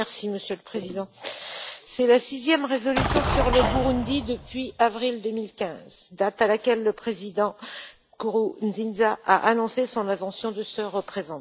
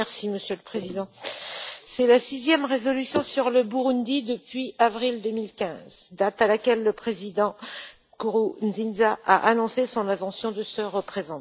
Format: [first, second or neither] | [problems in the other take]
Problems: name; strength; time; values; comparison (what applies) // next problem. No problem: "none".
second | background sound (Explosion); 2 dB below the speech